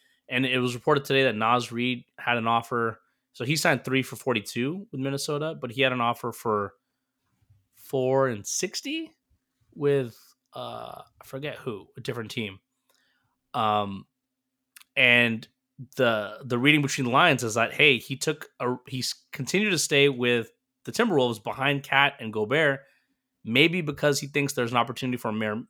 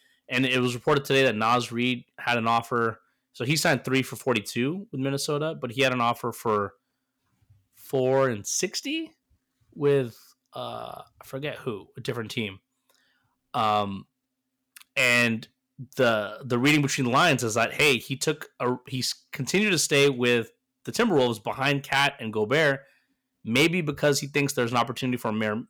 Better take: first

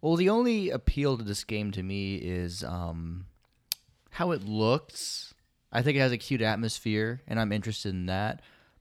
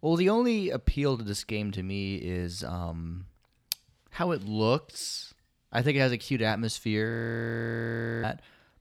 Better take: first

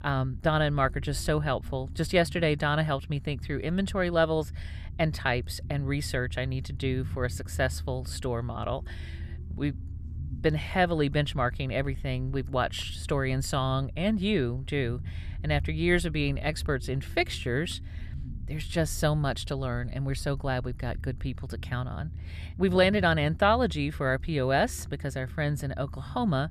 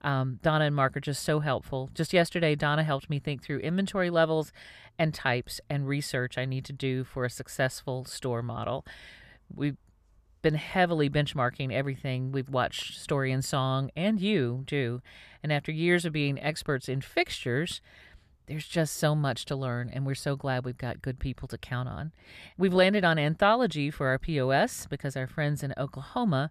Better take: second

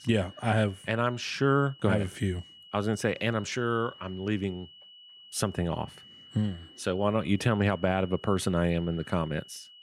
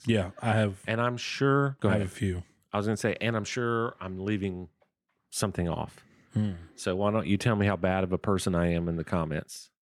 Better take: second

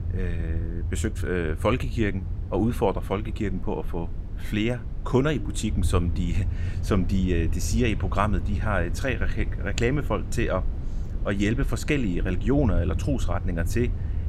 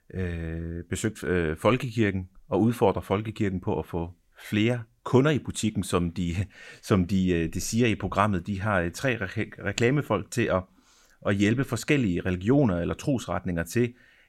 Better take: second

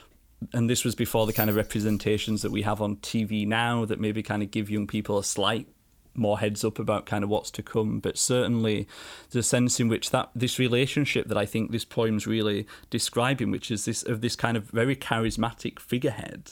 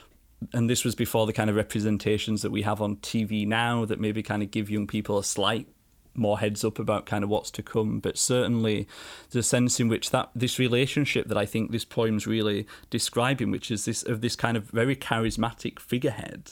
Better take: second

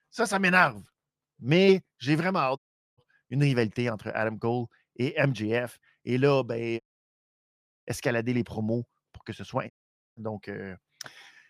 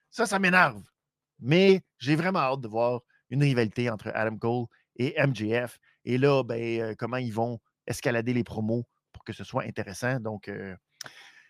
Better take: second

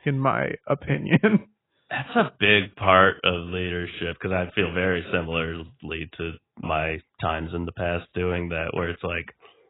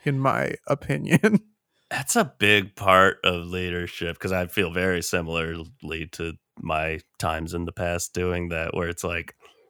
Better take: second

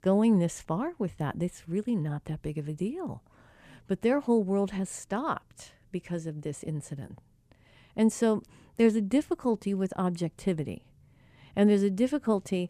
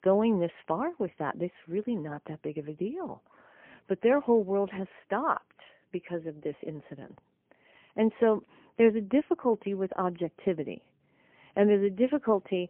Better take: first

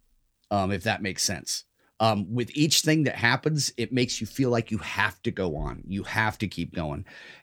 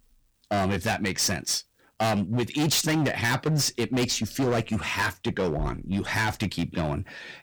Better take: first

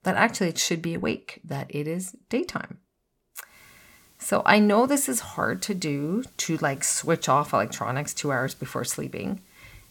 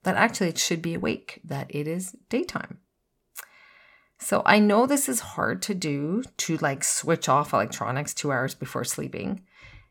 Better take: second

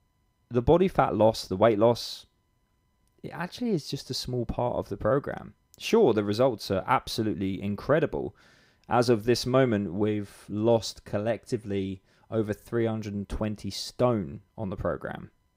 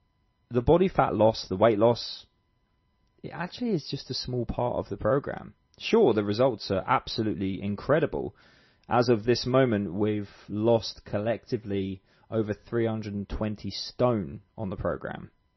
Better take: first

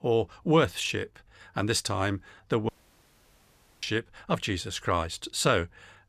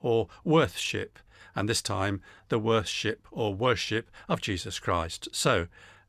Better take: second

